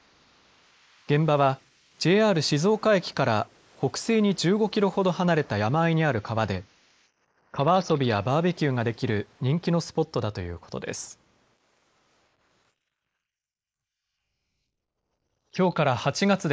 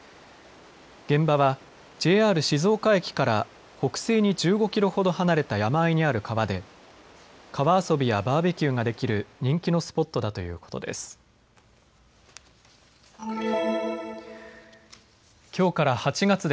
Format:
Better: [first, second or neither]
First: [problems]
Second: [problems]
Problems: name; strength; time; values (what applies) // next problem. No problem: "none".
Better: second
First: noise reduction (neural mask model Resemble Enhance denoiser)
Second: none